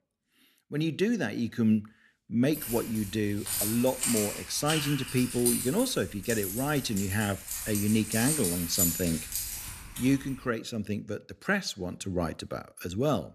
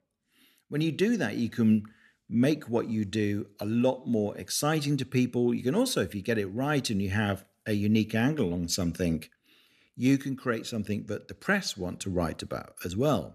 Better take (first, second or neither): second